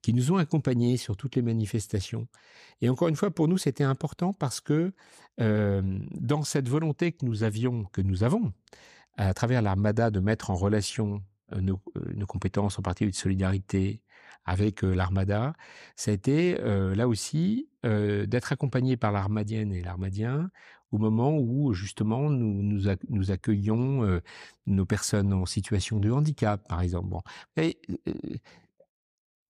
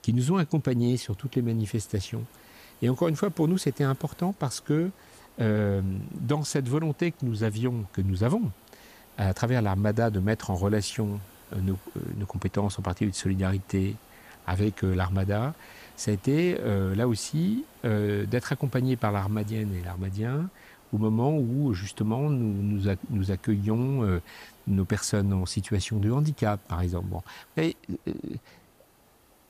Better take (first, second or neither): first